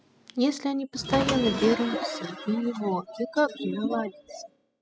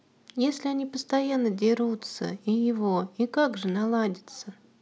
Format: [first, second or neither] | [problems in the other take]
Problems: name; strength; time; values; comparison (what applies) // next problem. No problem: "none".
second | noise reduction (classical method spectral subtraction)